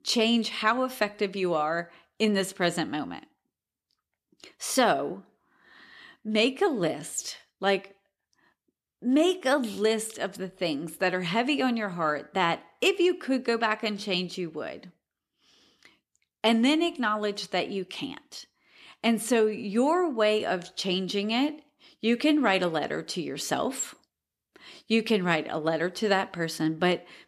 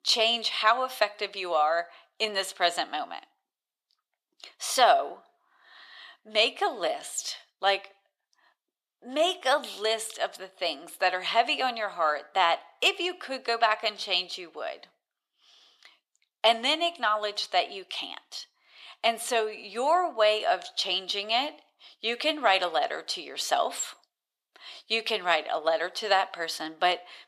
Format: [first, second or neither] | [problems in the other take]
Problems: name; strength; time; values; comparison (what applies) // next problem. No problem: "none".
first | thin; very; fading below 650 Hz